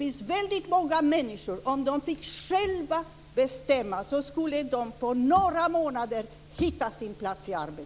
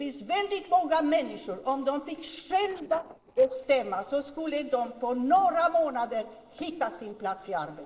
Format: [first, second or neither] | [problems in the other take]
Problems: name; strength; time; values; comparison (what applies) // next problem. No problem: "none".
first | noise reduction (neural separator model SepFormer DNS4)